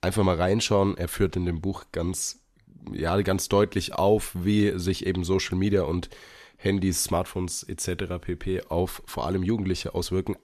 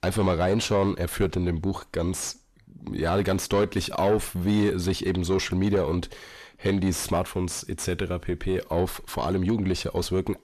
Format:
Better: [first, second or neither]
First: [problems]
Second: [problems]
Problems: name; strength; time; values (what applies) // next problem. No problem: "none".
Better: first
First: none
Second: distortion; slight; 10 dB below the speech